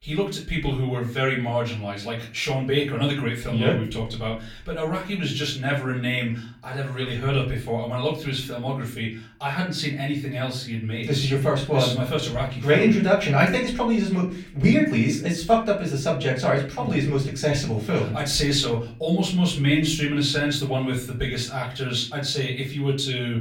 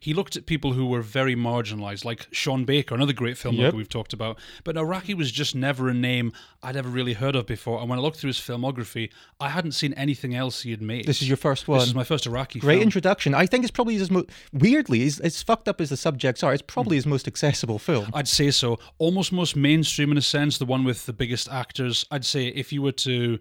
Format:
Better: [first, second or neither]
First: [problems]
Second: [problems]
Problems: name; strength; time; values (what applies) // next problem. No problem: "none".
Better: second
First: off-mic speech; far // room echo; slight; dies away in 0.4 s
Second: none